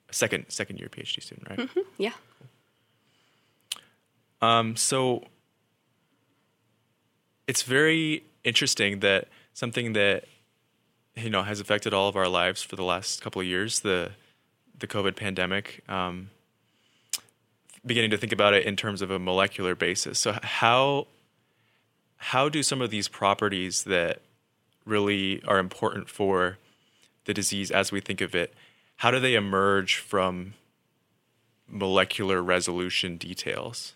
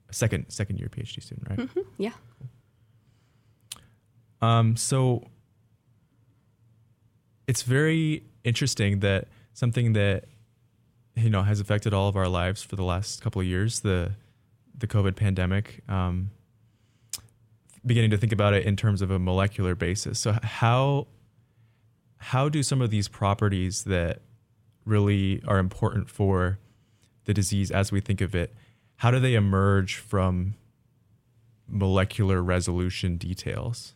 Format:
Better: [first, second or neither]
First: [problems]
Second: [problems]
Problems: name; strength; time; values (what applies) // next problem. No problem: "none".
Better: second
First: thin; somewhat; fading below 300 Hz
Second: none